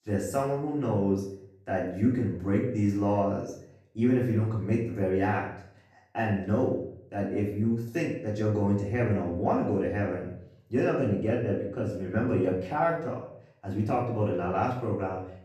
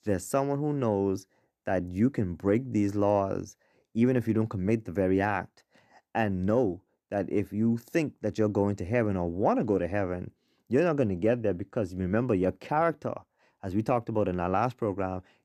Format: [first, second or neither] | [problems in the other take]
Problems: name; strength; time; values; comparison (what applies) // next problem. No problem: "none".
second | room echo; noticeable; dies away in 0.5 s // off-mic speech; far